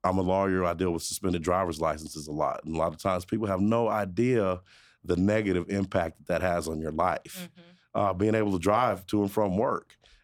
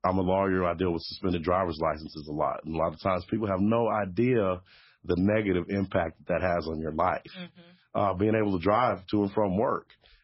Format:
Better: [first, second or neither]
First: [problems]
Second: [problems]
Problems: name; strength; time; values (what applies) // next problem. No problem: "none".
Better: first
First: none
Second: garbled, watery; badly; nothing above 5.5 kHz